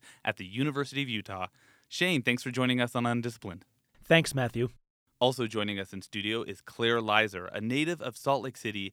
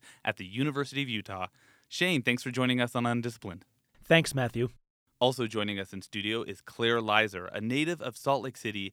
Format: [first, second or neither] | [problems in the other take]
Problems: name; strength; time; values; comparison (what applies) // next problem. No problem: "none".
neither | none